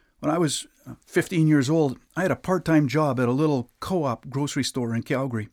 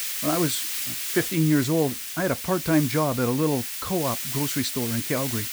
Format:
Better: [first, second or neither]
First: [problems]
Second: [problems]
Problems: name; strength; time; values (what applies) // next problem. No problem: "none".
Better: first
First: none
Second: hiss; loud; throughout; 3 dB below the speech